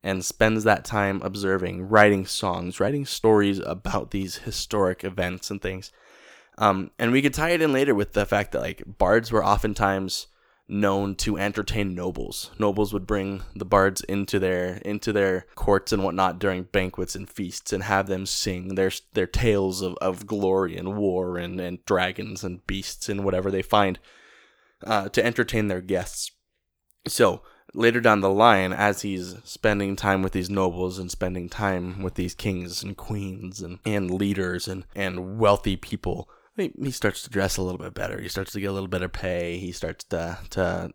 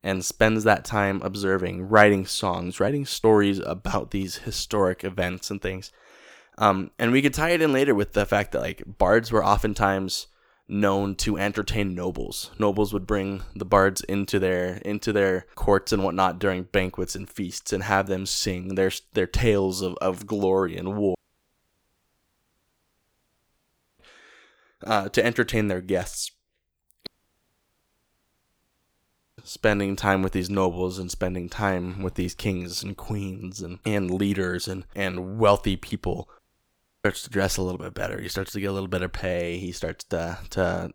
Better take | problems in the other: first | audio cutting out; at 21 s for 3 s, at 27 s for 2.5 s and at 36 s for 0.5 s

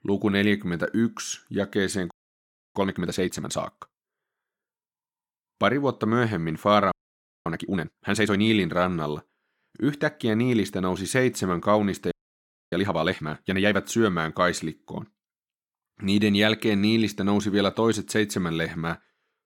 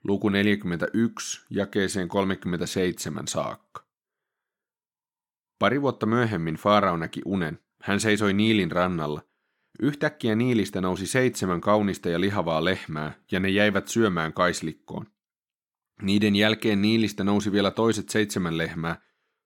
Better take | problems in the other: second | audio freezing; at 2 s for 0.5 s, at 7 s for 0.5 s and at 12 s for 0.5 s

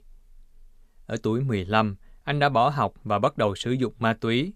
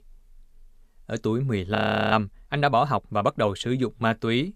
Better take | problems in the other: first | audio freezing; at 2 s

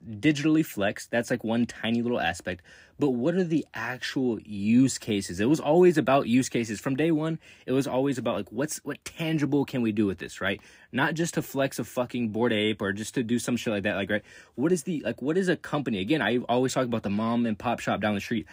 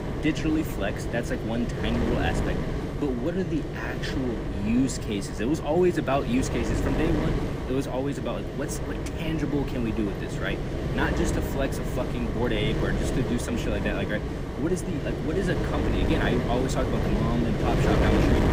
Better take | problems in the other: first | wind noise on the microphone; heavy; 2 dB below the speech

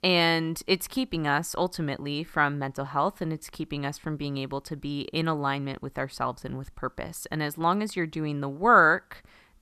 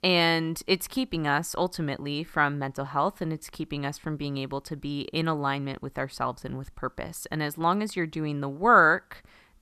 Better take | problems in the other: neither | none

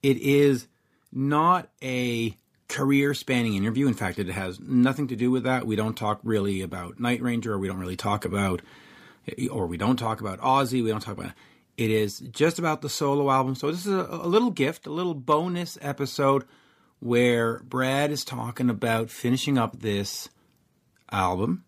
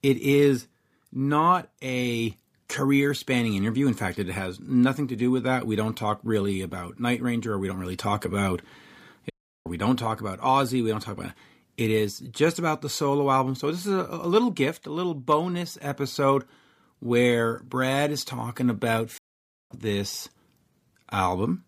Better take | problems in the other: first | audio cutting out; at 9.5 s and at 19 s for 0.5 s

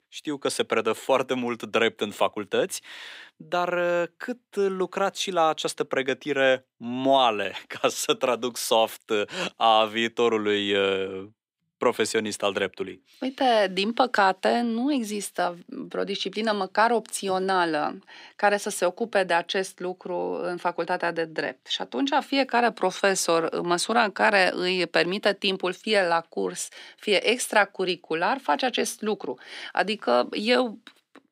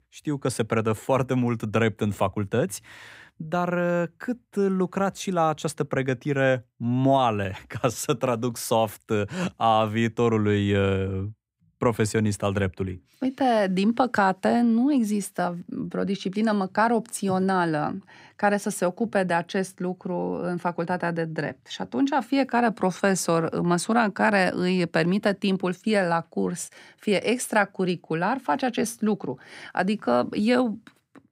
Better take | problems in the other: second | thin; somewhat; fading below 350 Hz

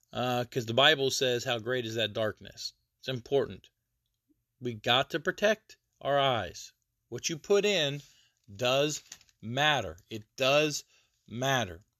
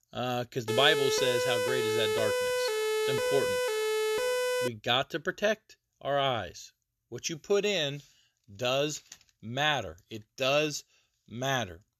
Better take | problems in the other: first | siren; loud; from 0.5 to 4.5 s; peak 2 dB above the speech

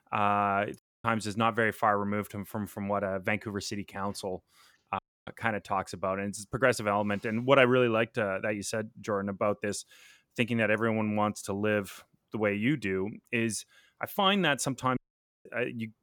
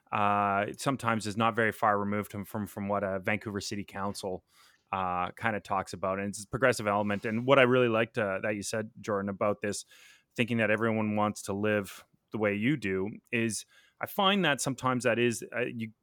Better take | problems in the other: second | audio cutting out; at 1 s, at 5 s and at 15 s

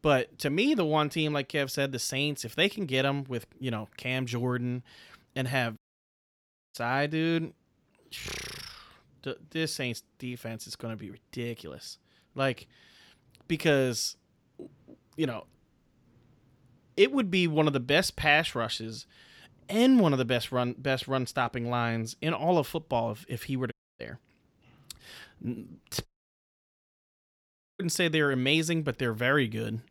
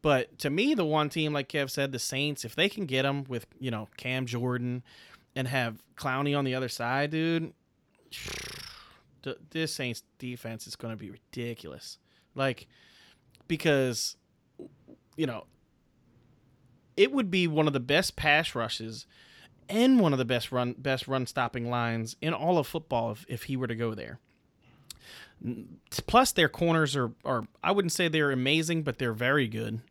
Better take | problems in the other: second | audio cutting out; at 6 s for 1 s, at 24 s and at 26 s for 1.5 s

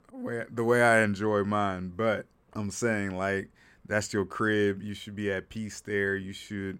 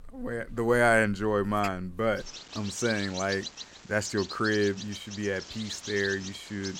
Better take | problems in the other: first | animal sounds; noticeable; throughout; 10 dB below the speech

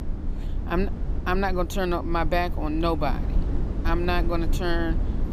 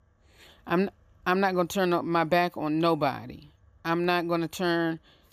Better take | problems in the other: second | low rumble; noticeable; throughout; 15 dB below the speech

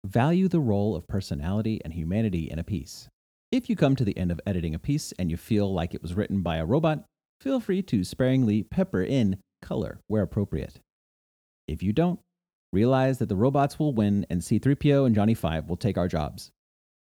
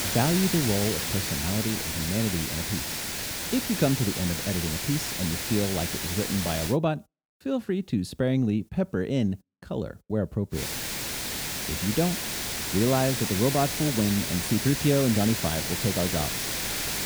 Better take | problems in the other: first | hiss; loud; until 6.5 s and from 11 s on; 1 dB below the speech

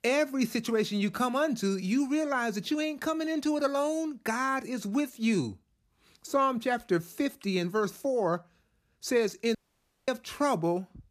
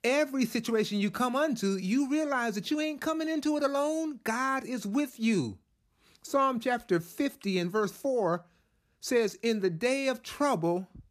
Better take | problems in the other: second | audio cutting out; at 9.5 s for 0.5 s

